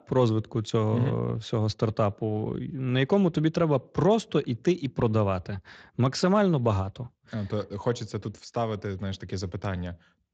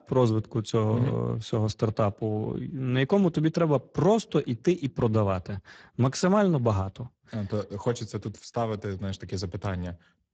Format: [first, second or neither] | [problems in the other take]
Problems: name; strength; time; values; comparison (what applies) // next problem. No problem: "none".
first | garbled, watery; badly; nothing above 7.5 kHz; slightly in the first